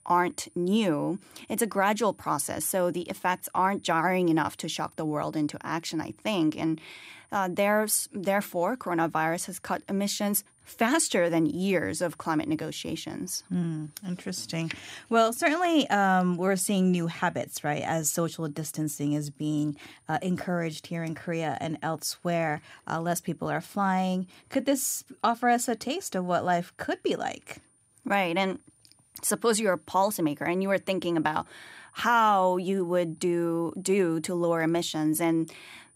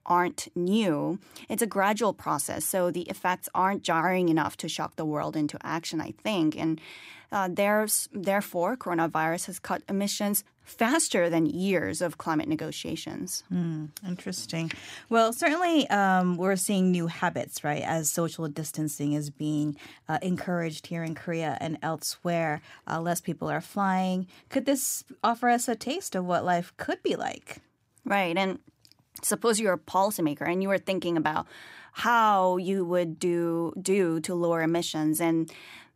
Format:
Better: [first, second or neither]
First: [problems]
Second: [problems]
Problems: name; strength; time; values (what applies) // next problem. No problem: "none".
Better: second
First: high-pitched whine; faint; throughout; 9.5 kHz, 35 dB below the speech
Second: none